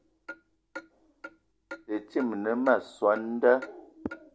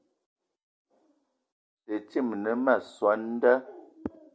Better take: second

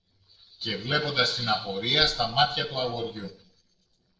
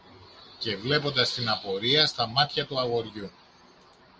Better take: second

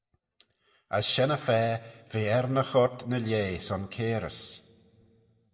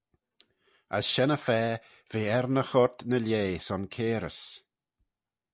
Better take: second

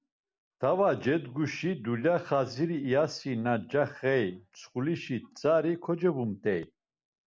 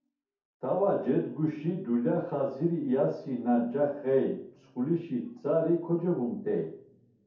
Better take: first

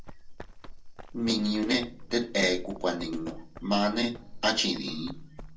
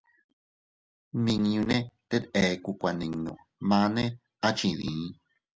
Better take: second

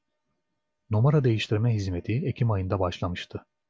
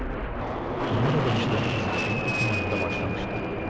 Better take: first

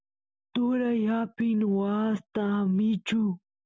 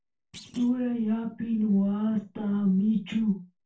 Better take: first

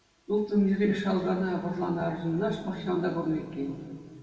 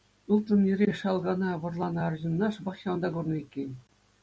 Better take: second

